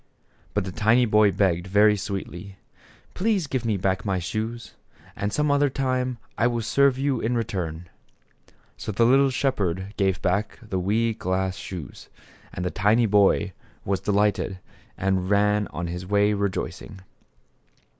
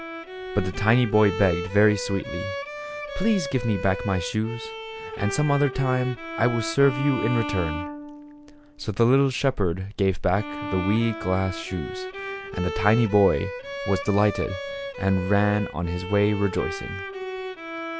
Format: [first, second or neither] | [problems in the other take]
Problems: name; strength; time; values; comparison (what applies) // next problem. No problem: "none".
first | background sound (Bowed string instrument); 9 dB below the speech